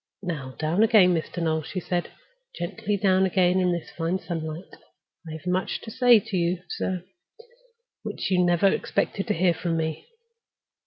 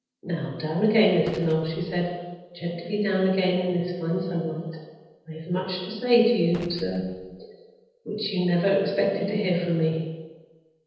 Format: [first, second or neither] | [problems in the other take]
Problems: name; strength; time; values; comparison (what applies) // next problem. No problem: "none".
first | noise reduction (neural separator model SepFormer DNS4)